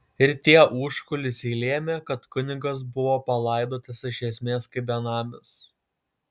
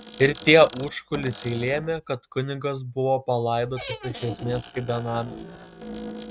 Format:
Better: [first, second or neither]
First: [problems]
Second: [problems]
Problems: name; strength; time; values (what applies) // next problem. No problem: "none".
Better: first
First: none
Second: noise reduction (neural mask model RNNoise)